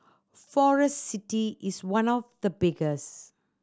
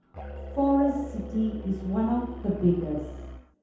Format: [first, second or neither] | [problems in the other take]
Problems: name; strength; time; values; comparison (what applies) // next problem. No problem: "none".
first | background sound (Musical instrument); 11 dB below the speech // room echo; dies away in 0.8 s